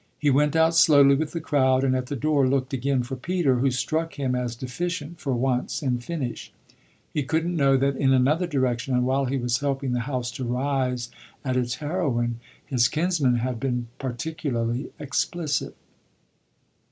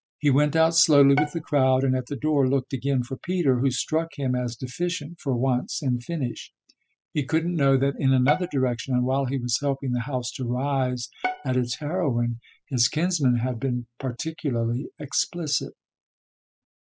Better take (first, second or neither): first